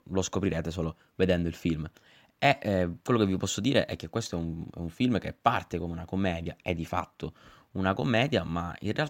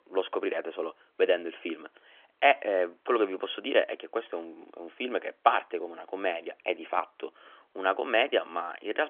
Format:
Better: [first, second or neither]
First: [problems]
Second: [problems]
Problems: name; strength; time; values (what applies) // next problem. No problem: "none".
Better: first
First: none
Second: phone-call audio; nothing above 3.5 kHz